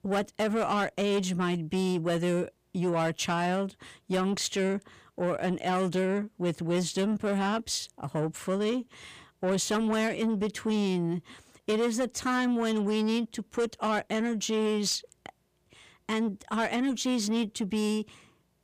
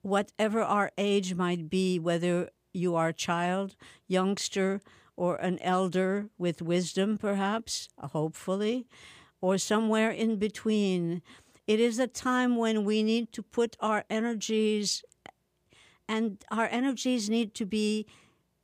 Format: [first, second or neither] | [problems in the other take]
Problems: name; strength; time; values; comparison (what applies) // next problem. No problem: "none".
second | distortion; slight; 10 dB below the speech